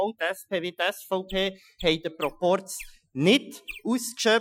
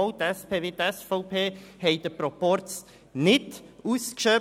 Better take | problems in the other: second | noise reduction (classical method Wiener filter)

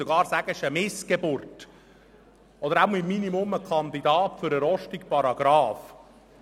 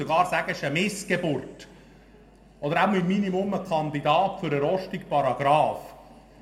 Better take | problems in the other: first | room echo; dies away in 1 s

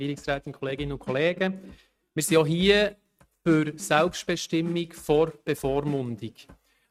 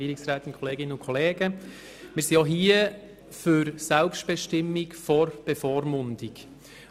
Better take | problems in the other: second | noise reduction (neural mask model RNNoise)

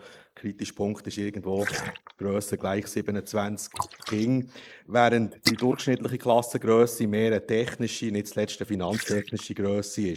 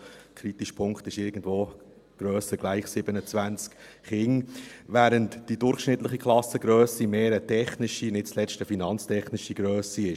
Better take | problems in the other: second | noise reduction (neural mask model Resemble Enhance denoiser)

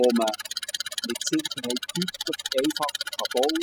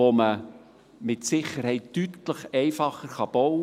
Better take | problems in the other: second | noise reduction (classical method spectral subtraction)

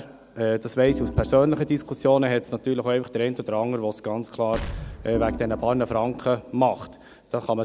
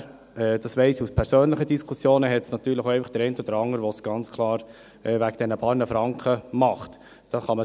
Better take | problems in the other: second | background sound (Organ + Explosion); 12 dB below the speech

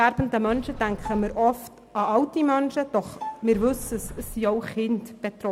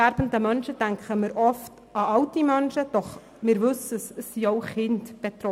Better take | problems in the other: second | background sound (Sliding door + Bowed string instrument); 14 dB below the speech

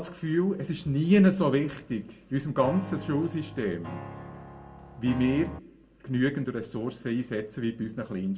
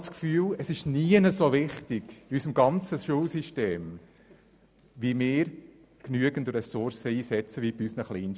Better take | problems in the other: second | background sound (Piano); 12 dB below the speech // room echo; dies away in 0.3 s

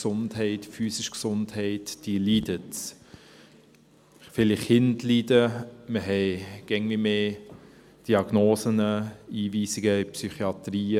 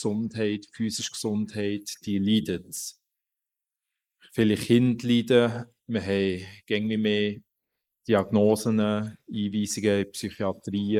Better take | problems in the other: first | noise reduction (neural mask model Resemble Enhance denoiser)

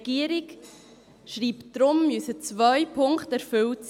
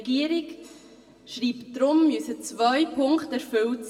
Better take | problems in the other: first | room echo; dies away in 1.1 s

